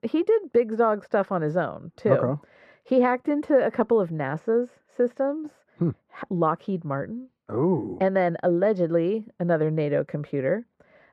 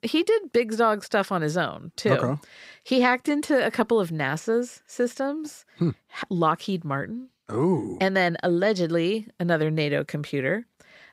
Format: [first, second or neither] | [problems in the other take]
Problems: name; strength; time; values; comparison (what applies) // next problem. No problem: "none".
second | muffled; very; fading above 2.5 kHz